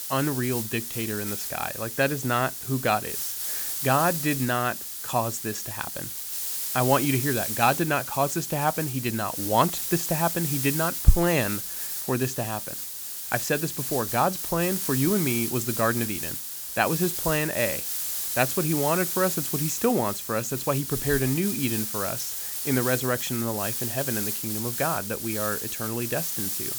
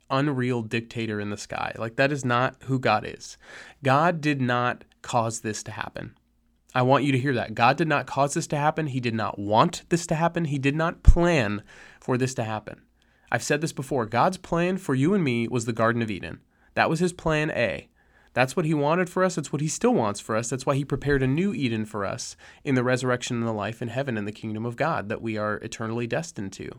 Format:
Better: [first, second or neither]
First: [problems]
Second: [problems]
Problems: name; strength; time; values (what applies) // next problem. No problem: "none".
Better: second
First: hiss; loud; throughout; 2 dB below the speech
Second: none